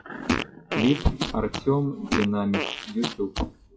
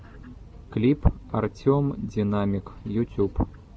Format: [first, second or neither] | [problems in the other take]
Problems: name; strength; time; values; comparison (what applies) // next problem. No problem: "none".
second | noise reduction (classical method WPE with log-MMSE)